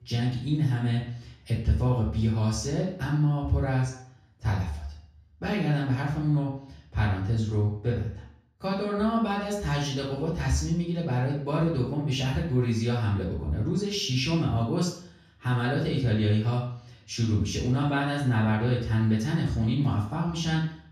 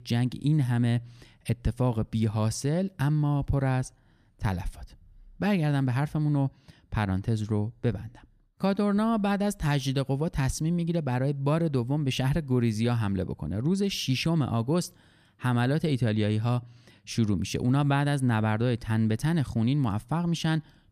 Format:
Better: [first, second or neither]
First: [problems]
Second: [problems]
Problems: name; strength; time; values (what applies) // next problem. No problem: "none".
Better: second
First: room echo; noticeable; dies away in 0.5 s // off-mic speech; far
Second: none